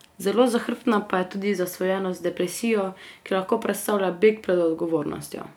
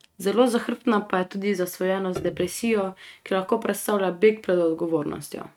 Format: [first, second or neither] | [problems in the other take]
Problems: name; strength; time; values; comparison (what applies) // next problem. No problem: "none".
first | noise reduction (neural mask model RNNoise)